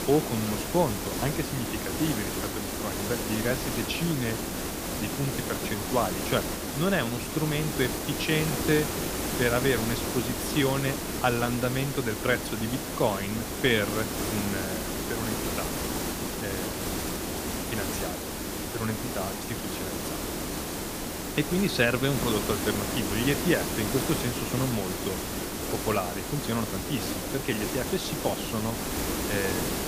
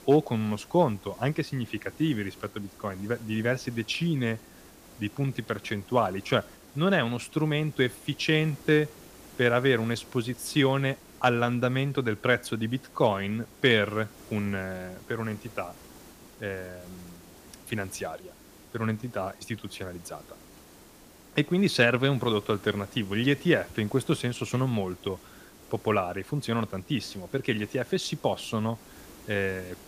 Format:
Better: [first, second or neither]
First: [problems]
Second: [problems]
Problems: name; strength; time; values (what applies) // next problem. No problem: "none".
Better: second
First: hiss; loud; throughout; 1 dB below the speech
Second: hiss; faint; throughout; 20 dB below the speech